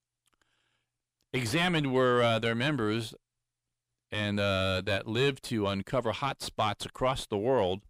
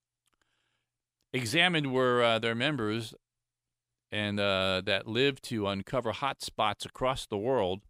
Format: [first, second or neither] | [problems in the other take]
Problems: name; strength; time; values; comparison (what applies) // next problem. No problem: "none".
second | distortion; heavy; 7 dB below the speech